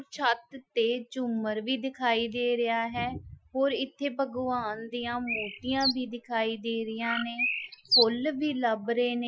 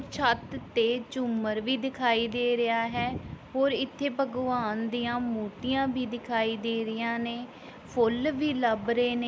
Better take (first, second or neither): second